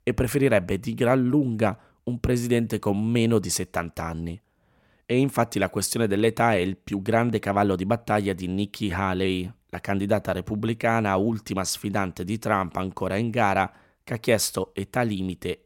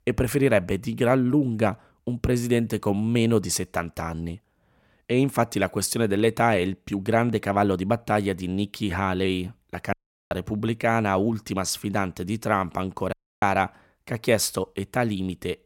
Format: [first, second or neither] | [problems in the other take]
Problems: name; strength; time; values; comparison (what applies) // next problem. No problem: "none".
first | audio cutting out; at 10 s and at 13 s